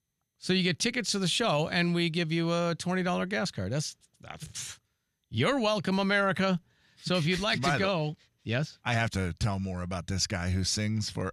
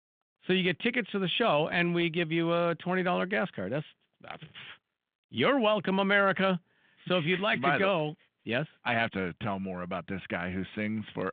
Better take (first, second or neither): first